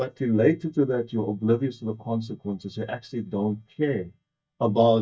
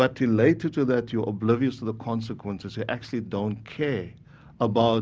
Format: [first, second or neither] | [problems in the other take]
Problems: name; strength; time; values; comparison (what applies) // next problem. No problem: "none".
second | noise reduction (neural mask model DeepFilterNet 3)